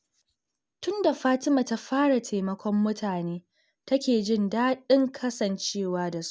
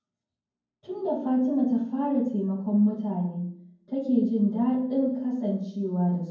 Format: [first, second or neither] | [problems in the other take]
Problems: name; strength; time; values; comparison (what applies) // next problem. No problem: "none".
first | room echo; dies away in 0.9 s